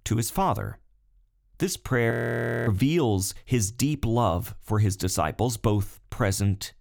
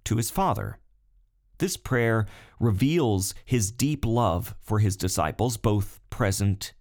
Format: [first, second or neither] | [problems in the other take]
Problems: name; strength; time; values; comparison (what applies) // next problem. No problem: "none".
second | audio freezing; at 2 s for 0.5 s